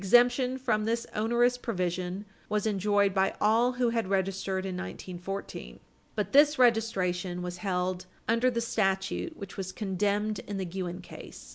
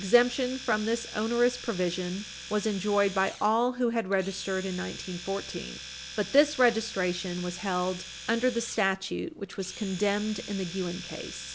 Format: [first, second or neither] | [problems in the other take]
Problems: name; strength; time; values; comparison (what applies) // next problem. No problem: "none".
first | background sound (Domestic sounds, home sounds); 13 dB below the speech